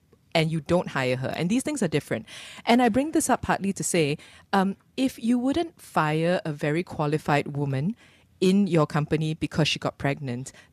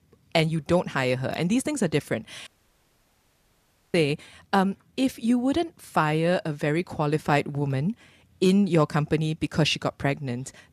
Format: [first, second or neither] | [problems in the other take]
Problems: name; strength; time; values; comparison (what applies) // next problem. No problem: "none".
first | audio cutting out; at 2.5 s for 1.5 s